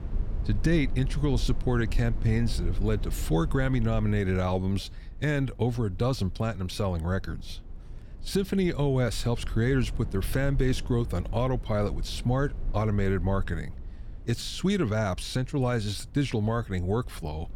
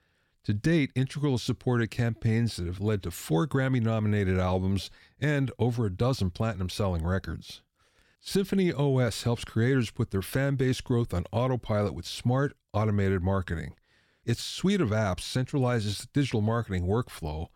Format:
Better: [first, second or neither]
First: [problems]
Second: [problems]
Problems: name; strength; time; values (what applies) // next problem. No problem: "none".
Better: second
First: low rumble; faint; throughout; 20 dB below the speech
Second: none